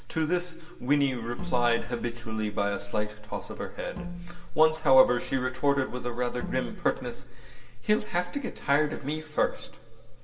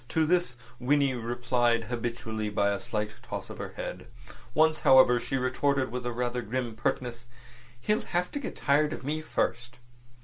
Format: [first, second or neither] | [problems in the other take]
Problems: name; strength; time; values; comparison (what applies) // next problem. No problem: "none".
second | background sound (Bowed string instrument); 14 dB below the speech // room echo; dies away in 1.3 s